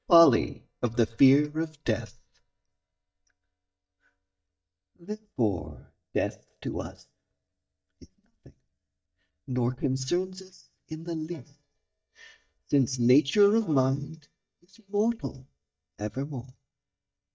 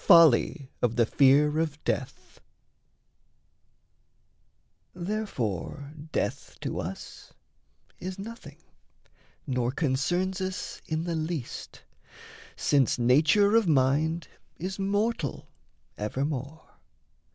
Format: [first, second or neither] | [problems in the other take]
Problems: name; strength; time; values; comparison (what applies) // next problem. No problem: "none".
second | noise reduction (neural mask model DeepFilterNet 3)